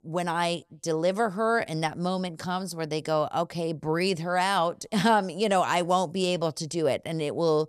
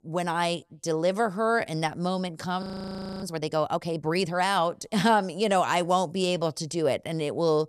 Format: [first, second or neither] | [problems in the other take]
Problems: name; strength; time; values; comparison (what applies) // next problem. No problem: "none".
first | audio freezing; at 2.5 s for 0.5 s